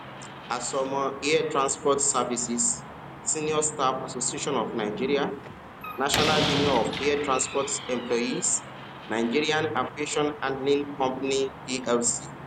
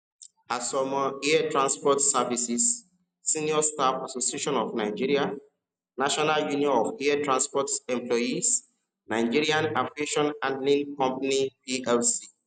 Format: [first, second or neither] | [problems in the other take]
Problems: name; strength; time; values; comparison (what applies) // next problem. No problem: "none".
second | background sound (Slam); 9 dB below the speech